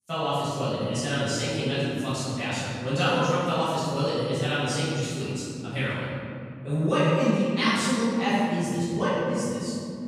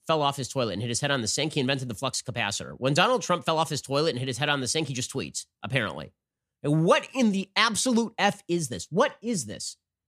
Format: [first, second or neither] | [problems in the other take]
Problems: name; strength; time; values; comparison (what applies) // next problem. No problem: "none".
second | off-mic speech; far // room echo; strong; dies away in 2.9 s